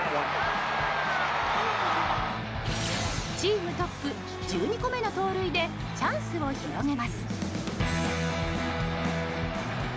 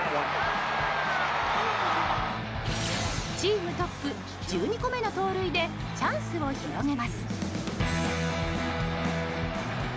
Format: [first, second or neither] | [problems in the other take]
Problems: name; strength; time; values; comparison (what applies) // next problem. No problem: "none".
second | background sound (Bowed string instrument); 17 dB below the speech